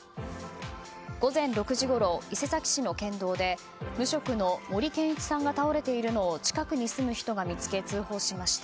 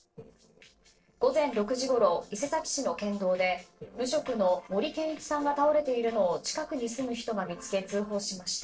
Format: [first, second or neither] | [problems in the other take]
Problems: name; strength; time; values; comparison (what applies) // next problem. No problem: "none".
first | noise reduction (neural separator model SepFormer DNS4)